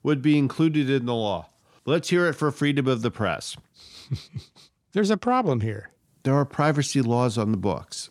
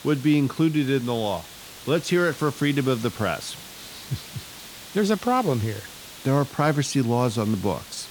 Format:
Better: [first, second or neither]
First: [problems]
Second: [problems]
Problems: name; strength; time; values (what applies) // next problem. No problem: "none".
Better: first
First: none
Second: hiss; noticeable; throughout; 15 dB below the speech